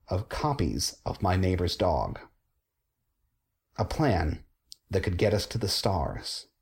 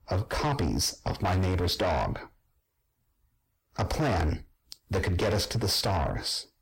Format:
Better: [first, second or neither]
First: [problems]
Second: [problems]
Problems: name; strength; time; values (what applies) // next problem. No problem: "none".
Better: first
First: none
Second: distortion; heavy; 6 dB below the speech